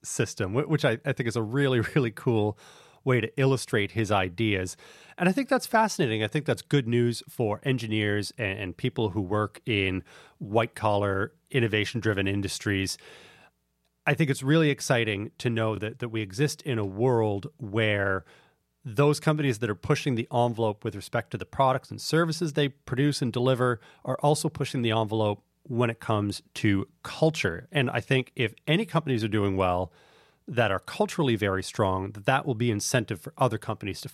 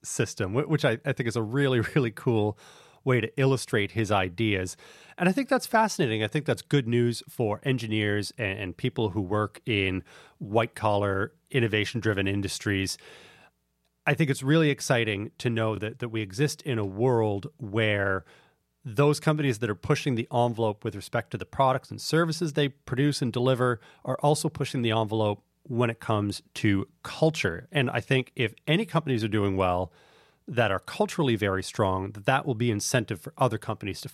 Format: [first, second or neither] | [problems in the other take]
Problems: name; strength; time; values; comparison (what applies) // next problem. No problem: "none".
neither | none